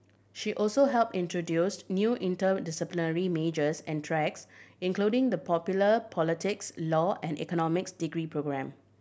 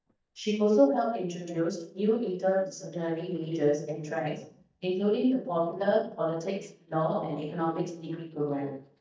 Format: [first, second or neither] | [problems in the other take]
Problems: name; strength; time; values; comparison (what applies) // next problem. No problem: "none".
first | noise reduction (neural mask model DeepFilterNet 3)